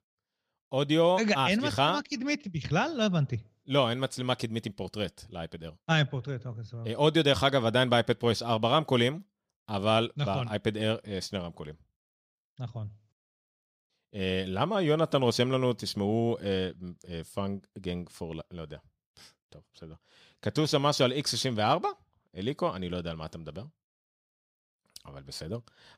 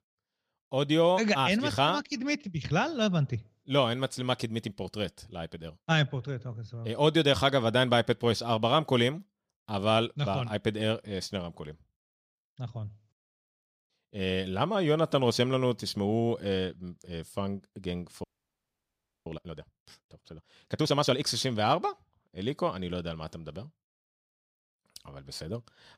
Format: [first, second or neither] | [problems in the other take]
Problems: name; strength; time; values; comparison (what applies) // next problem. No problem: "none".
first | audio freezing; at 18 s for 1 s